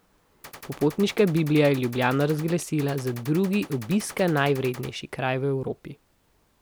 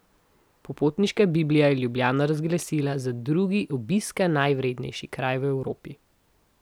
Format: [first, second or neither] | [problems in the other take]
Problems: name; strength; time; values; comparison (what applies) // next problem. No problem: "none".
second | background sound (Gunshot, gunfire); 19 dB below the speech